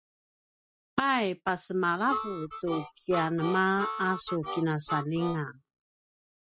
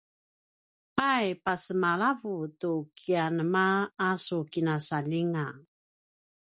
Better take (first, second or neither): second